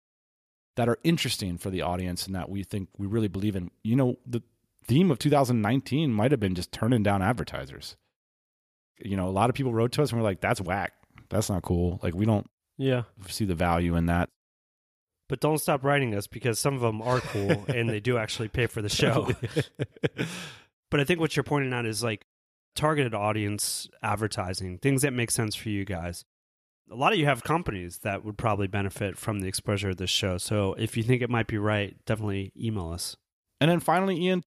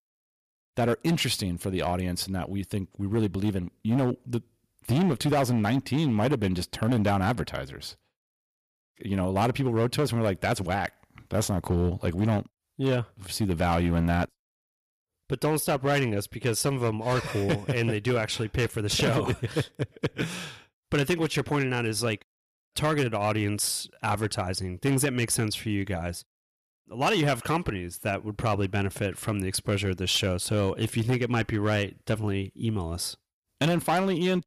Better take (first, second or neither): first